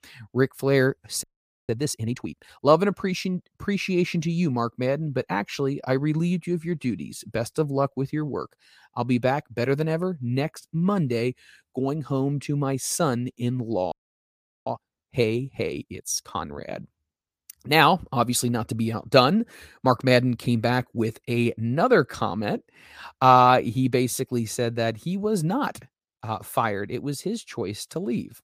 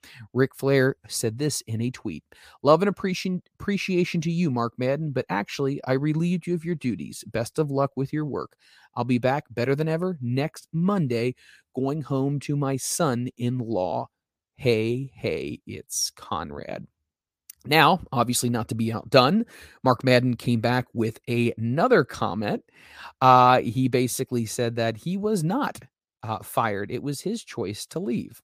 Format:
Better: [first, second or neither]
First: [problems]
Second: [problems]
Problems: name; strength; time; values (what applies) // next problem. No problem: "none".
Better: second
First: audio freezing; at 1 s and at 14 s for 0.5 s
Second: none